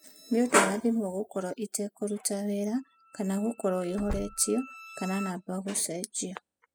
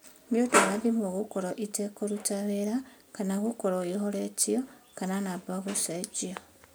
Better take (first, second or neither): second